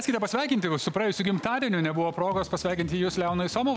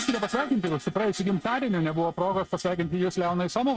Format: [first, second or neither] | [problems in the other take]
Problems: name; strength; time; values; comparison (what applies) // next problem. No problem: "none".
first | noise reduction (neural mask model RNNoise)